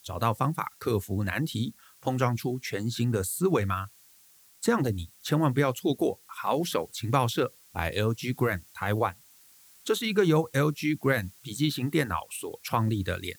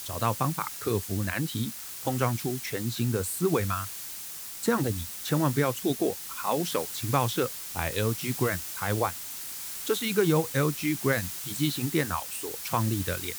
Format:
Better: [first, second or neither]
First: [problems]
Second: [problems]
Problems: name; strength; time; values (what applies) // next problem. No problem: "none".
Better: first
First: hiss; faint; throughout; 25 dB below the speech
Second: hiss; loud; throughout; 5 dB below the speech